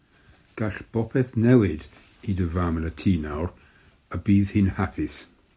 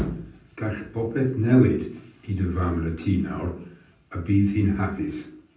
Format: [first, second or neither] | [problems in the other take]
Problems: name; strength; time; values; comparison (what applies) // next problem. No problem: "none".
first | room echo; dies away in 0.6 s